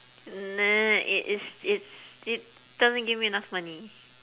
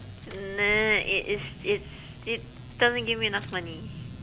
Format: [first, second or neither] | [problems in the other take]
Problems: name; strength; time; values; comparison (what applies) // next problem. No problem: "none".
first | background sound (Engine / Car); 12 dB below the speech